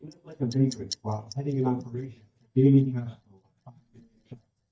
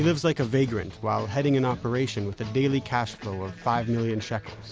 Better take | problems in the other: second | noise reduction (neural mask model DeepFilterNet 3)

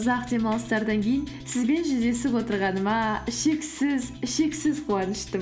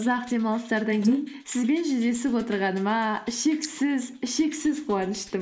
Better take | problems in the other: first | noise reduction (neural mask model Resemble Enhance denoiser)

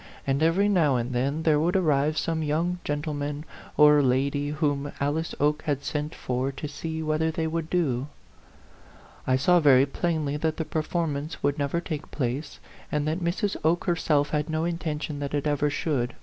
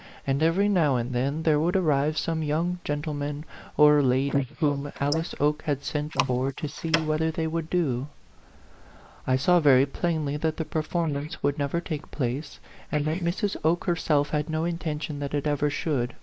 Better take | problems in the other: first | noise reduction (neural mask model Resemble Enhance denoiser)

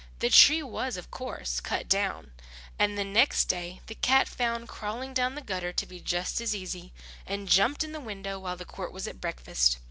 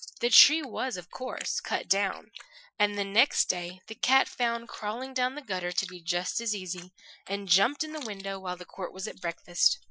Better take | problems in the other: first | noise reduction (classical method Wiener filter)

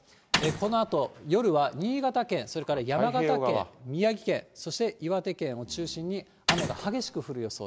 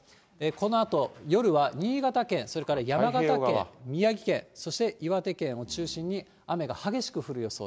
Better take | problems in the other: second | background sound (Mechanisms); 2 dB below the speech

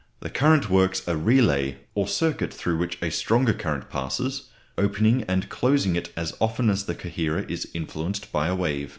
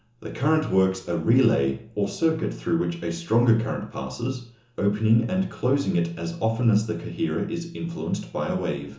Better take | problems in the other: first | room echo; dies away in 0.8 s

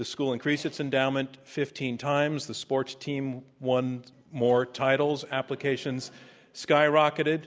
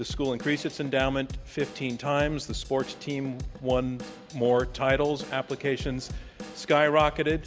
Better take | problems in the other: first | background sound (Drum / Drum kit); 12 dB below the speech

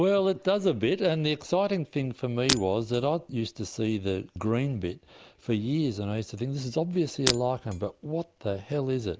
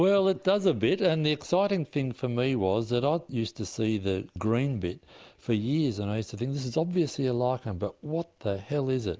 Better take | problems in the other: second | background sound (Shatter); 6 dB below the speech

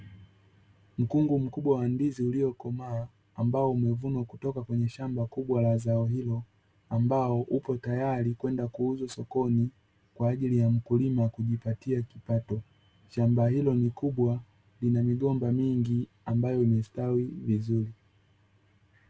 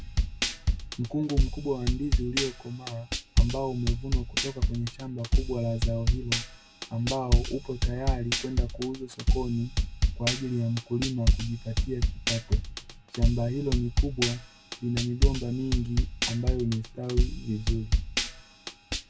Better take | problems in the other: first | background sound (Drum kit); 4 dB above the speech

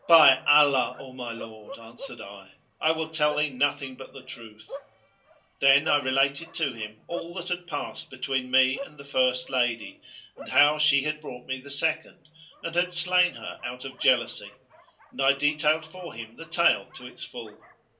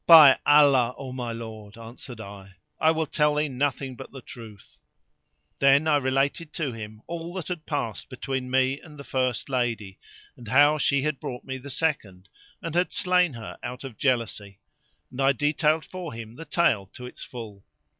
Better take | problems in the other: second | background sound (Bark); 19 dB below the speech // room echo; dies away in 0.2 s

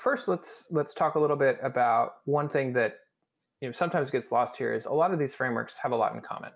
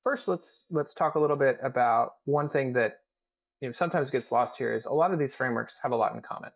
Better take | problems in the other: first | noise reduction (neural mask model DeepFilterNet 3)

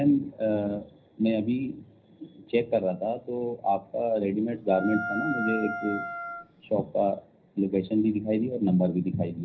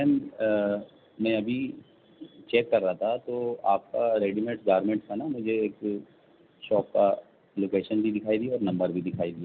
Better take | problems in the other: second | background sound (Wind instrument, woodwind instrument); 6 dB below the speech // room echo; dies away in 0.5 s

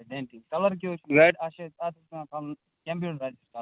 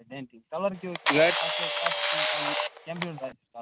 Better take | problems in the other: first | background sound (Camera); 2 dB above the speech

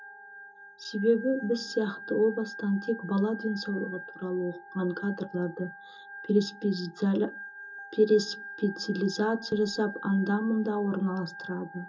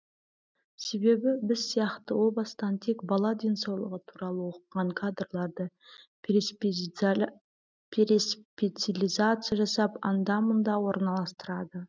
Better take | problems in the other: second | background sound (Organ); 15 dB below the speech // room echo; dies away in 0.2 s

